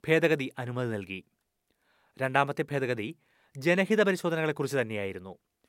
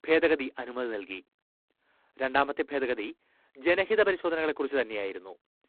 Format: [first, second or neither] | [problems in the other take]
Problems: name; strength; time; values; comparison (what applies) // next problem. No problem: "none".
first | phone-call audio; poor line; nothing above 4 kHz